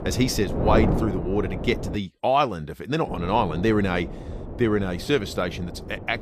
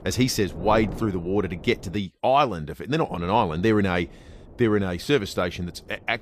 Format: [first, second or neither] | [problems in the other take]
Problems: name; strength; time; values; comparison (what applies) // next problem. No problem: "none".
second | wind noise on the microphone; heavy; until 2 s and from 3 s on; 10 dB below the speech; occasional gusts in the second